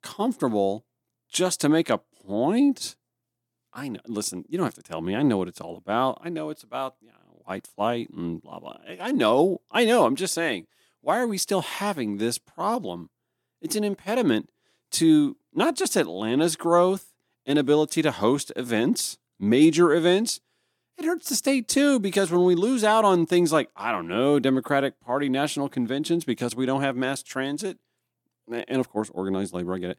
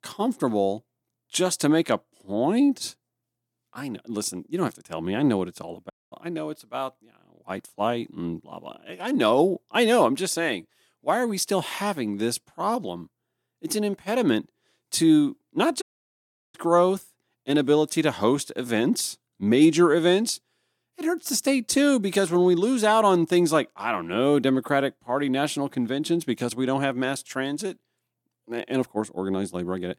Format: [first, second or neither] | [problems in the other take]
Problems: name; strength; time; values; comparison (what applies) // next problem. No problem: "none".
first | audio cutting out; at 6 s and at 16 s for 0.5 s